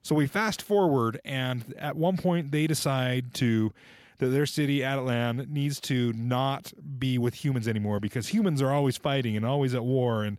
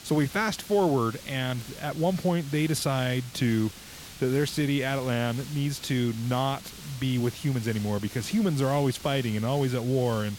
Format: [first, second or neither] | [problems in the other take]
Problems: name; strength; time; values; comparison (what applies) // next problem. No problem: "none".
first | hiss; noticeable; throughout; 15 dB below the speech